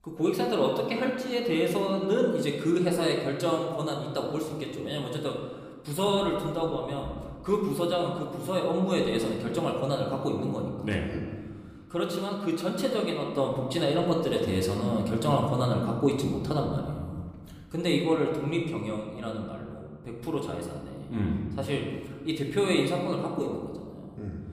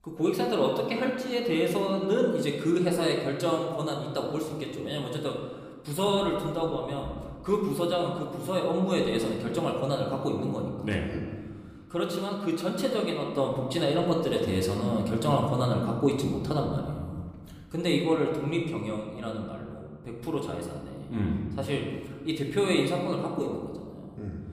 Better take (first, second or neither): neither